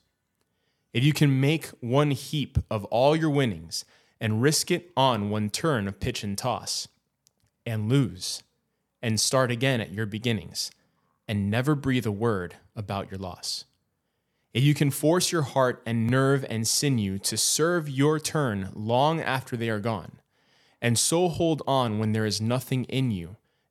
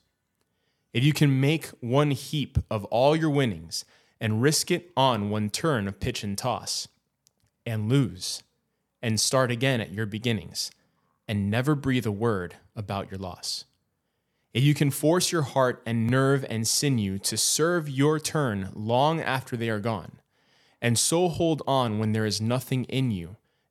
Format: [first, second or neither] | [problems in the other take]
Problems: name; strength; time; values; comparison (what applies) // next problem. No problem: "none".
neither | none